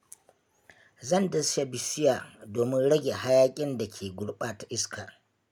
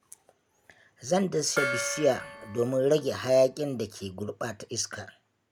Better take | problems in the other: first | background sound (Gong); 9 dB below the speech

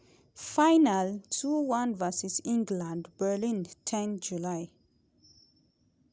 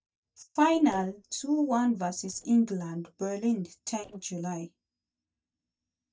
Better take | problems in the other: first | noise reduction (neural mask model DeepFilterNet 3)

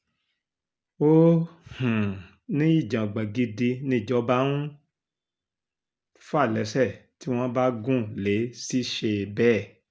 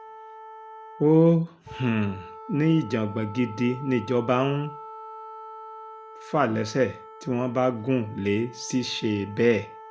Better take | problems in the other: first | background sound (Wind instrument, woodwind instrument); 17 dB below the speech

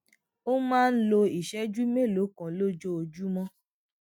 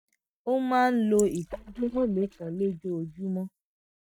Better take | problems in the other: first | noise reduction (neural mask model DeepFilterNet 3)

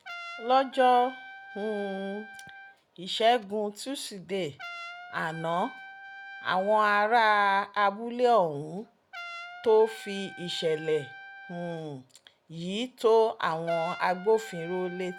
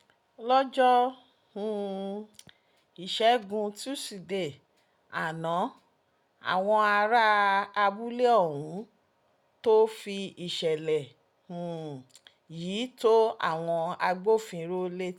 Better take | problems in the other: second | background sound (Trumpet); 17 dB below the speech

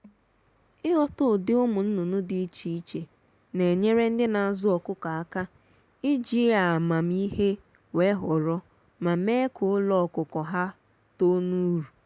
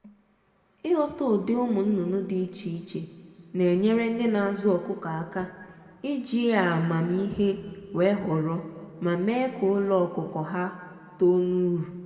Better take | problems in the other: first | room echo; dies away in 1.9 s

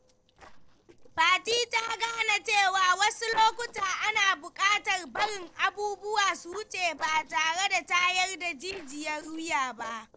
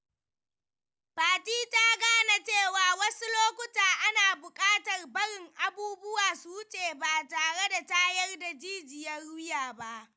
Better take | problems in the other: second | noise reduction (neural separator model SepFormer DNS4)

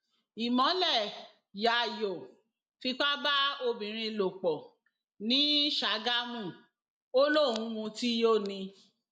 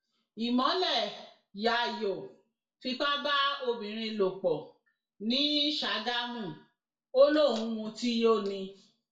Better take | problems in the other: first | room echo; dies away in 0.2 s

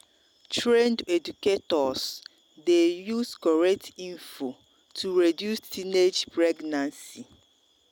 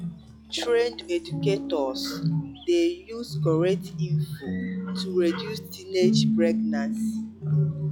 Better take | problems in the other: first | noise reduction (classical method log-MMSE)

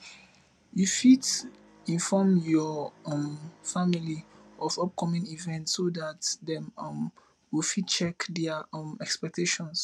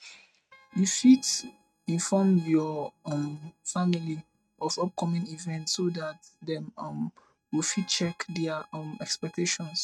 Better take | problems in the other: first | noise reduction (neural mask model RNNoise)

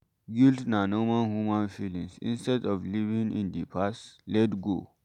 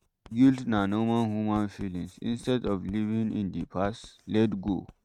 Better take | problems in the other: first | noise reduction (neural mask model RNNoise)

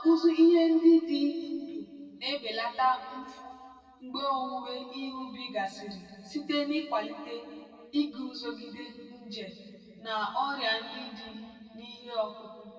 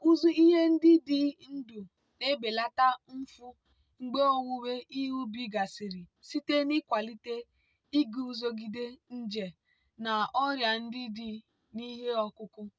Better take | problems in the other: second | room echo; dies away in 2.1 s

